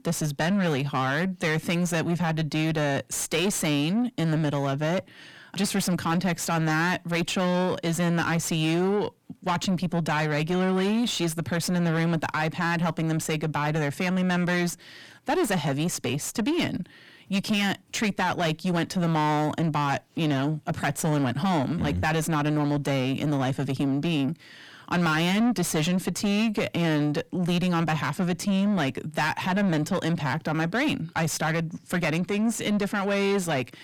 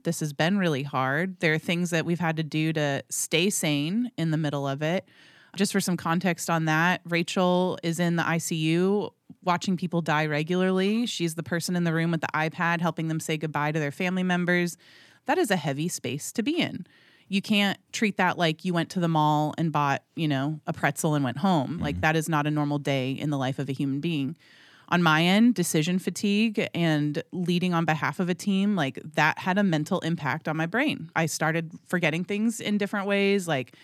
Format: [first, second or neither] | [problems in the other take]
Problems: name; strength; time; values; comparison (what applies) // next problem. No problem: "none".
second | distortion; heavy; 7 dB below the speech